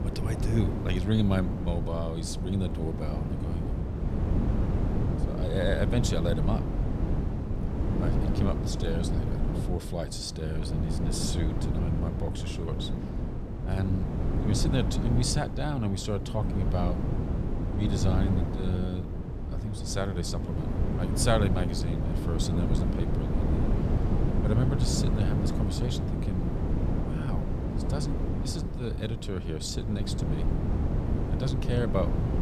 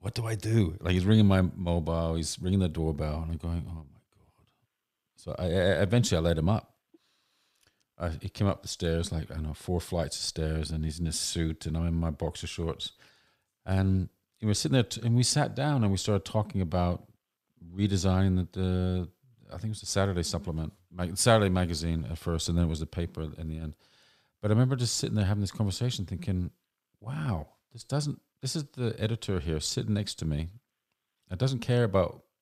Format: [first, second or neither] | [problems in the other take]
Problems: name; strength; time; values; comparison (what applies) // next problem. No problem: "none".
second | wind noise on the microphone; heavy; 3 dB below the speech